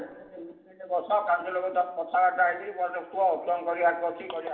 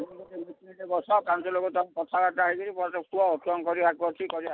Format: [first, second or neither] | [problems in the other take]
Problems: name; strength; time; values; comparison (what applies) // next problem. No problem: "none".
second | room echo; dies away in 2 s